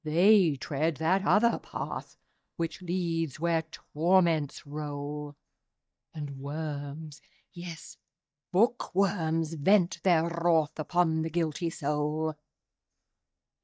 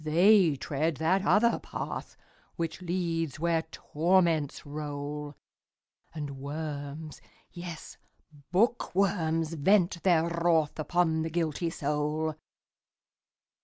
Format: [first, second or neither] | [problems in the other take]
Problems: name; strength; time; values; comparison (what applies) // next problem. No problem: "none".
second | noise reduction (neural mask model DeepFilterNet 3)